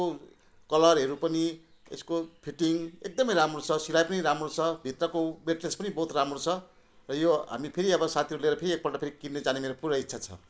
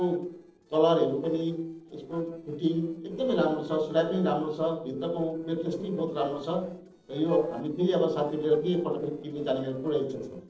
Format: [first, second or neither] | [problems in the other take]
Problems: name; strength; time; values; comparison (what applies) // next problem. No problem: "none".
first | noise reduction (neural separator model SepFormer DNS4)